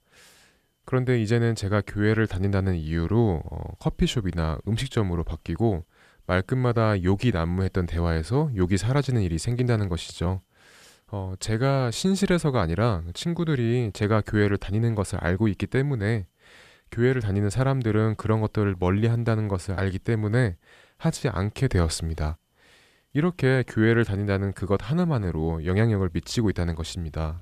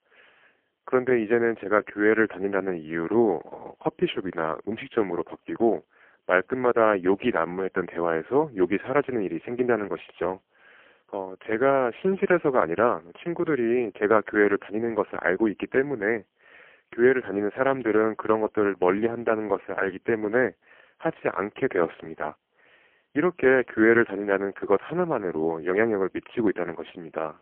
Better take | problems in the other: first | phone-call audio; poor line; nothing above 3 kHz

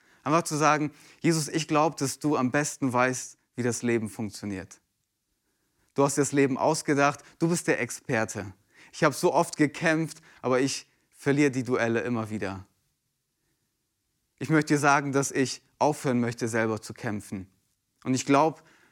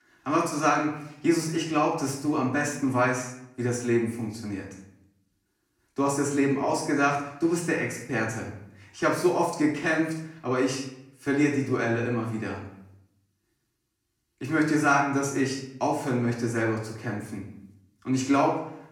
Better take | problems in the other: first | off-mic speech; far // room echo; noticeable; dies away in 0.6 s

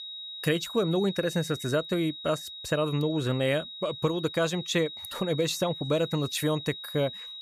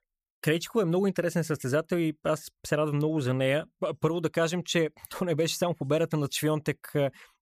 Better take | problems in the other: second | high-pitched whine; loud; throughout; 4 kHz, 10 dB below the speech

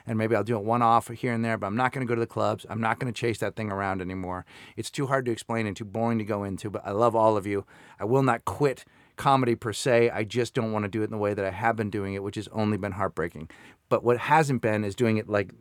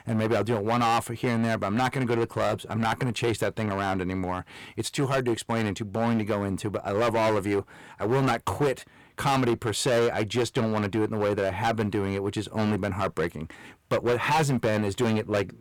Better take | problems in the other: first | distortion; heavy; 11% of the sound clipped

